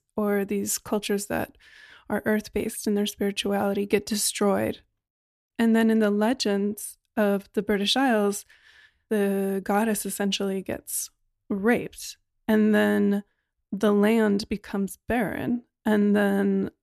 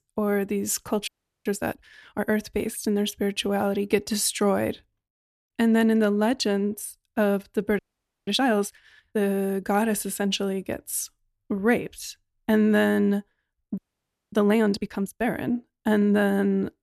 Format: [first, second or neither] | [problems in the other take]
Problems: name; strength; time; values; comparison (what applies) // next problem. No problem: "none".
first | audio freezing; at 1 s, at 8 s and at 14 s for 0.5 s